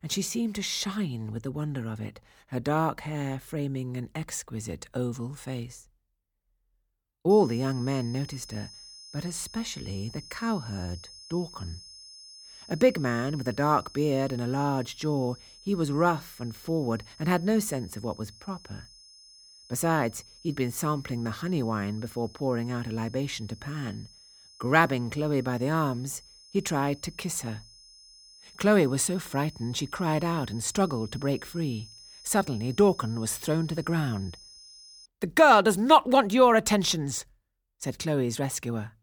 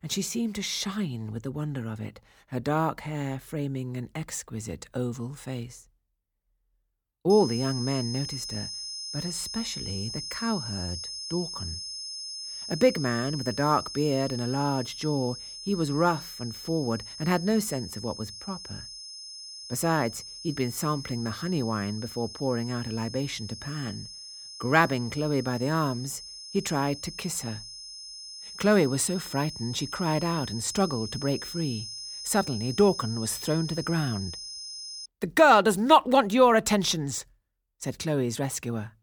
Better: first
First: high-pitched whine; faint; from 7.5 to 35 s; 5 kHz, 20 dB below the speech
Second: high-pitched whine; loud; from 7.5 to 35 s; 5 kHz, 9 dB below the speech

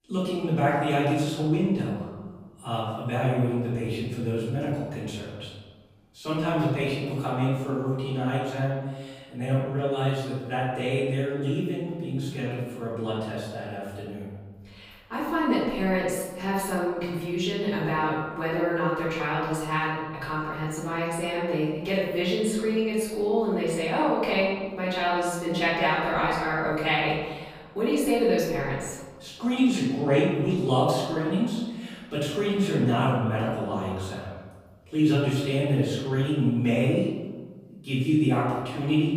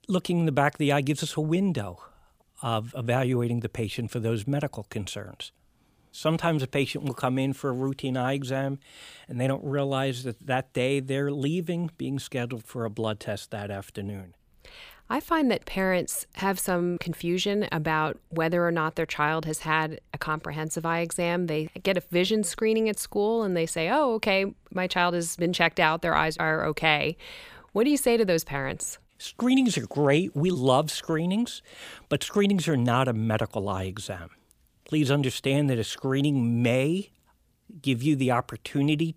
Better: second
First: off-mic speech; far // room echo; noticeable; dies away in 1.2 s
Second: none

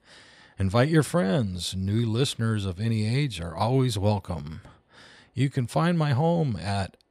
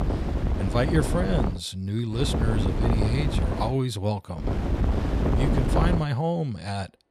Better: first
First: none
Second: wind noise on the microphone; heavy; until 1.5 s, from 2 to 3.5 s and from 4.5 to 6 s; 2 dB below the speech

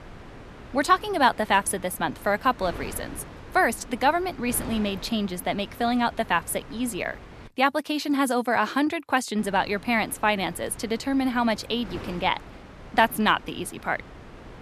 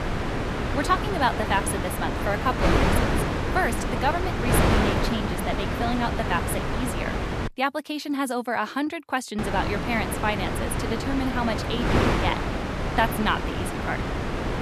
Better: first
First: wind noise on the microphone; occasional gusts; until 7.5 s and from 9.5 s on; 20 dB below the speech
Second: wind noise on the microphone; heavy; until 7.5 s and from 9.5 s on; 1 dB below the speech

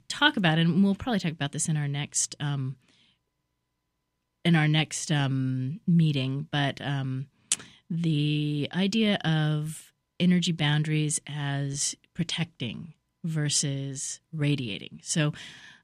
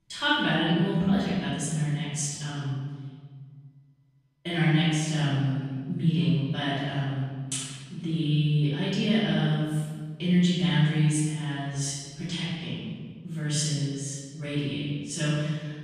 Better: first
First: none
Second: off-mic speech; far // room echo; strong; dies away in 1.4 s

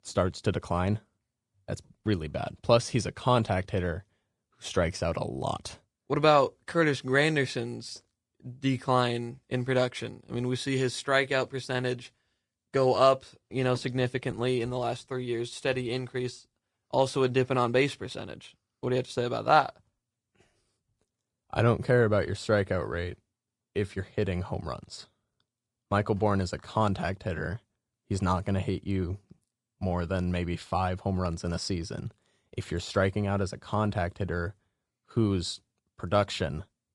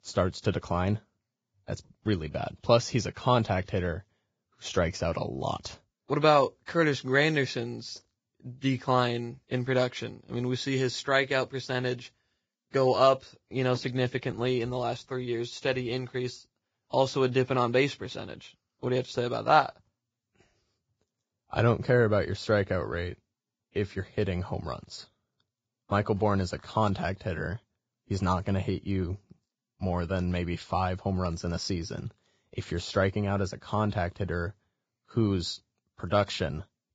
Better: first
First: garbled, watery; slightly; nothing above 10 kHz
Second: garbled, watery; badly; nothing above 7.5 kHz

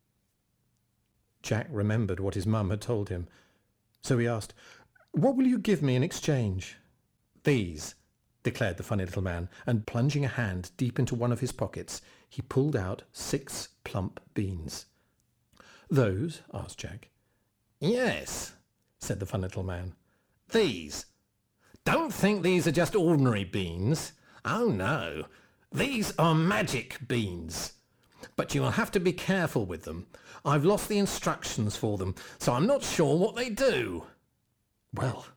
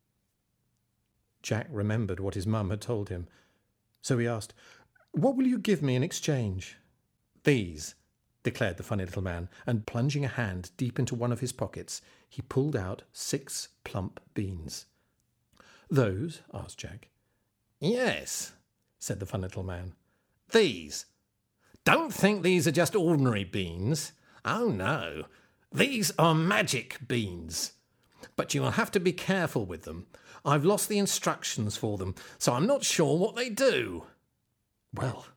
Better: second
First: distortion; slight; 10 dB below the speech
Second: none

